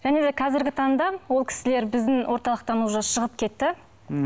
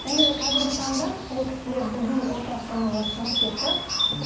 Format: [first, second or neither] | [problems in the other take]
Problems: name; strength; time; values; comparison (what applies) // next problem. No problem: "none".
first | background sound (Bird); as loud as the speech // room echo; dies away in 0.8 s